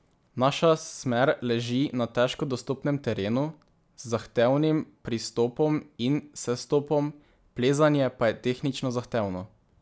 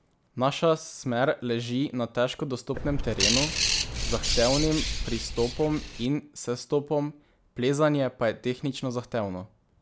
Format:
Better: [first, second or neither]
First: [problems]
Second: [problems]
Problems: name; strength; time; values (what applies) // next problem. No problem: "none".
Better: first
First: none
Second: background sound (Bird); as loud as the speech